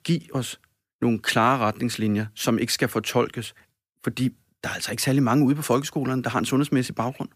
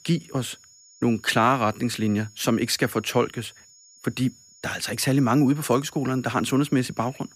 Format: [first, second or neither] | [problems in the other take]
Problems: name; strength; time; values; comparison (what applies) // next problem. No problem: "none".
first | high-pitched whine; faint; throughout; 7 kHz, 25 dB below the speech